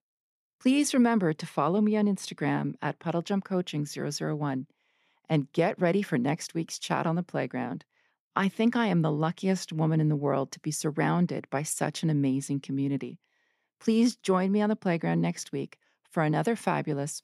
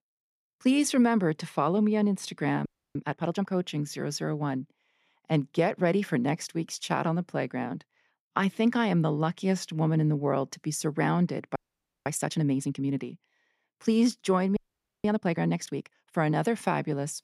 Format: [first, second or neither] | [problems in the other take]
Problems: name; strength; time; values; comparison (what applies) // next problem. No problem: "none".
first | audio freezing; at 2.5 s, at 12 s for 0.5 s and at 15 s